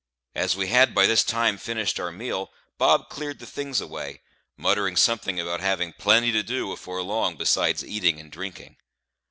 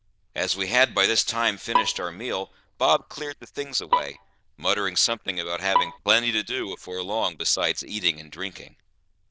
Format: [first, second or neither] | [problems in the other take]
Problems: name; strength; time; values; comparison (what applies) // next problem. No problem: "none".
first | noise reduction (neural diffusion model UNIVERSE++)